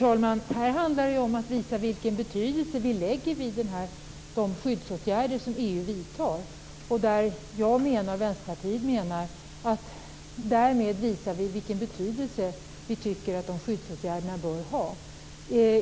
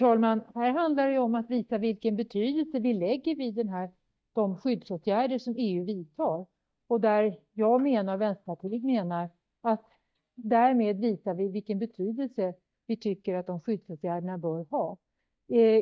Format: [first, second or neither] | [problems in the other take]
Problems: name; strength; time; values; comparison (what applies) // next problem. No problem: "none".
first | noise reduction (neural mask model DeepFilterNet 3)